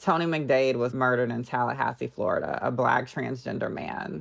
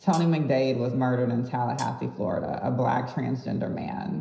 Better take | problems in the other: first | background sound (Hi-hat); 19 dB below the speech // room echo; dies away in 0.9 s

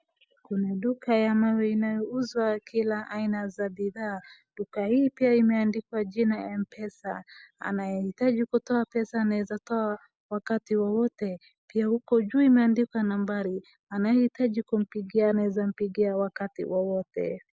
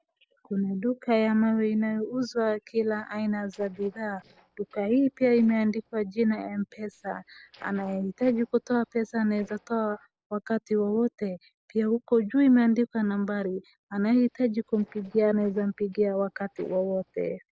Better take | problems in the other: first | noise reduction (neural separator model SepFormer DNS4)

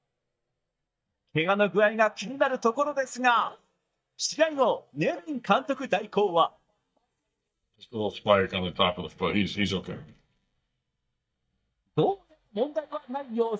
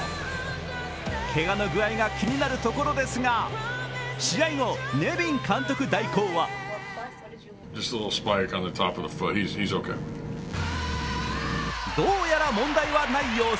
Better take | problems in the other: second | noise reduction (neural mask model DeepFilterNet 3)

